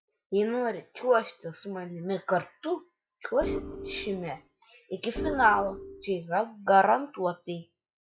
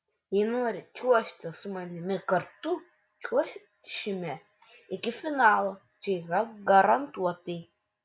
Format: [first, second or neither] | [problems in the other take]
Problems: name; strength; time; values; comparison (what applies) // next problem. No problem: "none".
second | noise reduction (classical method log-MMSE)